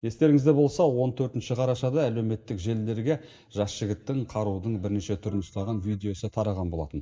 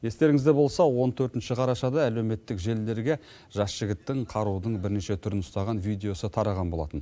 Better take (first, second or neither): second